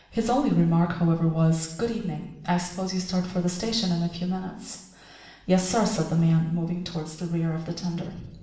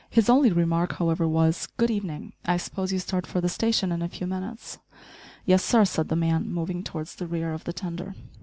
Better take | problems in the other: second | room echo; dies away in 0.8 s

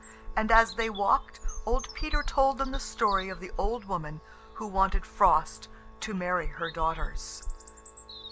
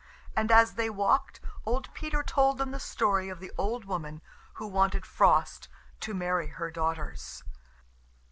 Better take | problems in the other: second | background sound (Organ + Bird vocalization, bird call, bird song); 20 dB below the speech

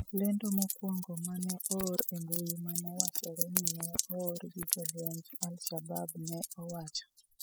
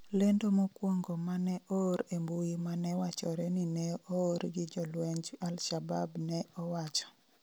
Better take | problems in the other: second | noise reduction (classical method spectral subtraction)

